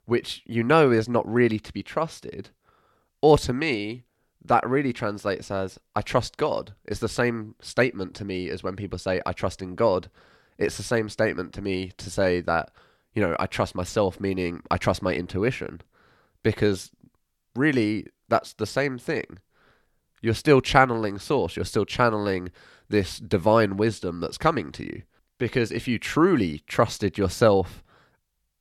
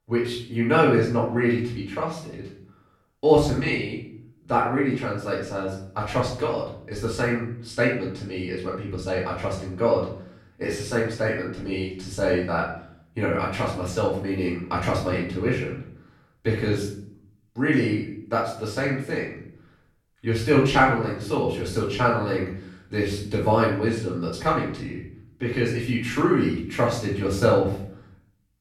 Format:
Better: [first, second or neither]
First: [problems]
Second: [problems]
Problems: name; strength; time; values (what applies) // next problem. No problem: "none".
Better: first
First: none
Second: room echo; noticeable; dies away in 0.5 s // off-mic speech; far